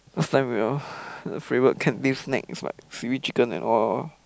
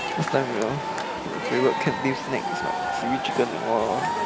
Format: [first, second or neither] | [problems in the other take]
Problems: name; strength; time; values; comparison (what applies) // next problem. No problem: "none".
first | background sound (Crowd / Cheering); 1 dB below the speech